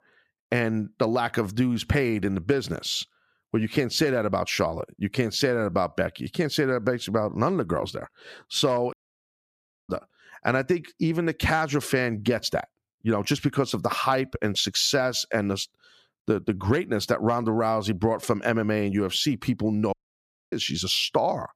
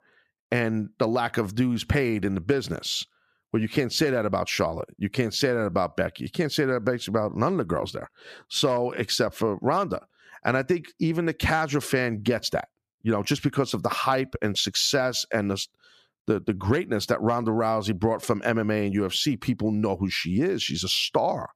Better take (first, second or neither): second